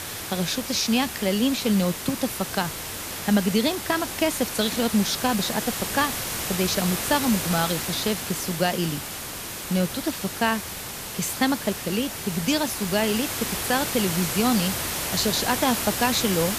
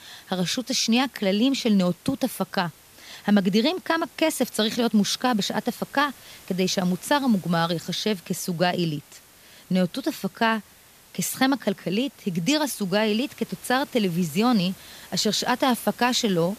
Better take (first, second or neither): second